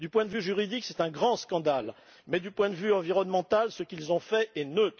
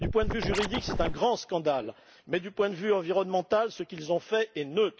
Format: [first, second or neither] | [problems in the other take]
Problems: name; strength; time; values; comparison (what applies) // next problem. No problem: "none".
first | background sound (Scratching (performance technique)); 2 dB below the speech